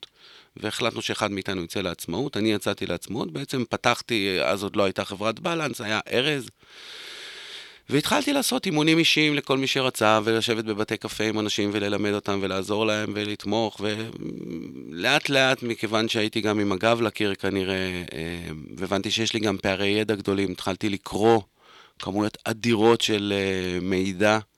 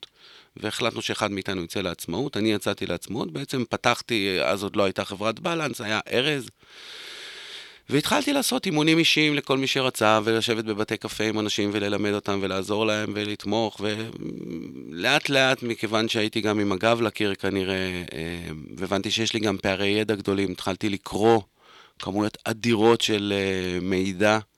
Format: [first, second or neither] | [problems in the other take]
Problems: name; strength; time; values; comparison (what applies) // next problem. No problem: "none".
neither | thin; somewhat; fading below 550 Hz; the same in both